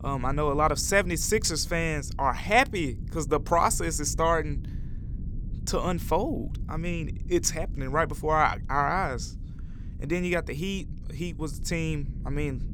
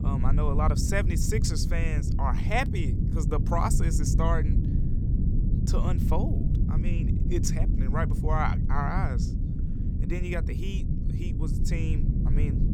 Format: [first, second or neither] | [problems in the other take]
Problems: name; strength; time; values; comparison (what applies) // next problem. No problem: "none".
first | low rumble; loud; throughout; 7 dB below the speech; faint in the first